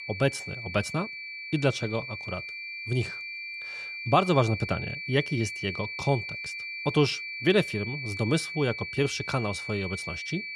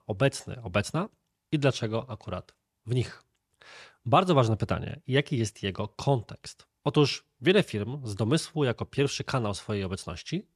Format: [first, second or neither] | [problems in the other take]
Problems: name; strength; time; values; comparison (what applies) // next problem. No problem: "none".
second | high-pitched whine; loud; throughout; 2.5 kHz, 6 dB below the speech